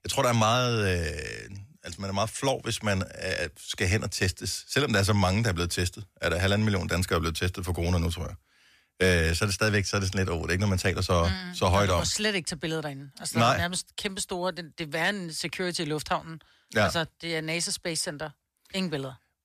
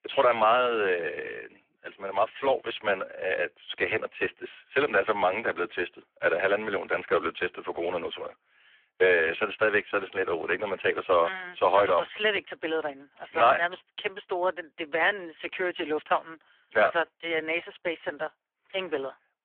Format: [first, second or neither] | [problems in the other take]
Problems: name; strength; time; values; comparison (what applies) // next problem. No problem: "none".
first | phone-call audio; poor line